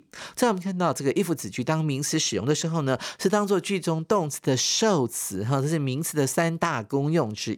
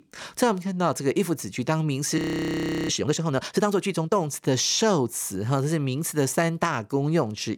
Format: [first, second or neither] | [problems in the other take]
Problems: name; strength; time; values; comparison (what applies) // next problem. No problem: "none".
first | audio freezing; at 2 s for 0.5 s